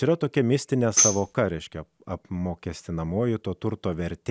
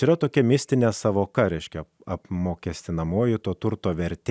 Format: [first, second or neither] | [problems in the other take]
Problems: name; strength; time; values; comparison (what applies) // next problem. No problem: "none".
second | background sound (Tambourine); 1 dB below the speech